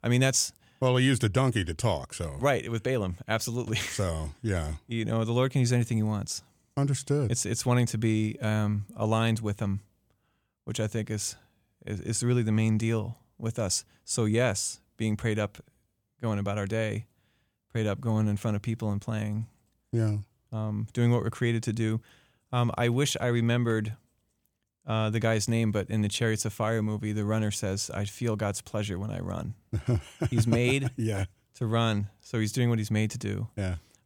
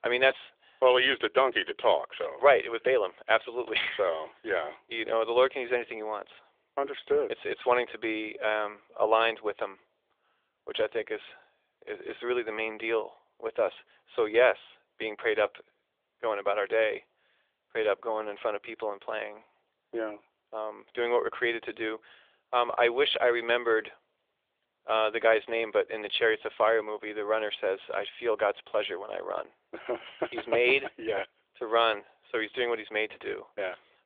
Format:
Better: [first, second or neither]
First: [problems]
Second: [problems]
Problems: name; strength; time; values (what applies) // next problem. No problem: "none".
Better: first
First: none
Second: phone-call audio; nothing above 3.5 kHz